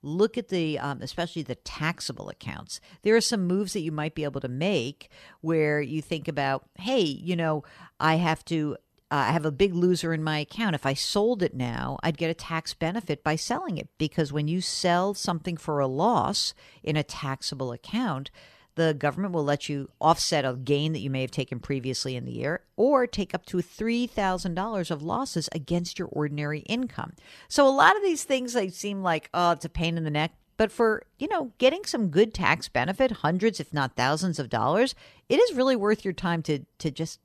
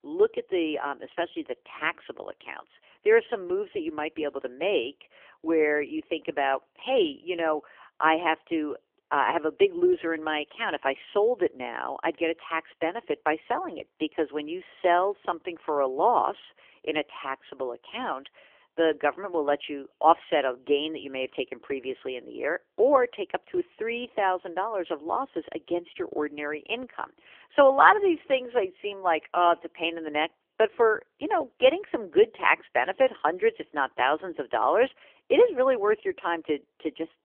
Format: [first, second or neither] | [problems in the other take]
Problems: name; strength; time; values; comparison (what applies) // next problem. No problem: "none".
first | phone-call audio; poor line; nothing above 3.5 kHz